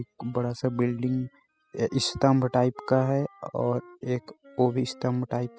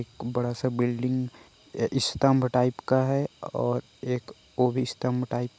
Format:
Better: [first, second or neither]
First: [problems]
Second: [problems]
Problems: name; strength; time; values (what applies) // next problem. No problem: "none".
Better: second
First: noise reduction (classical method spectral subtraction)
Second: none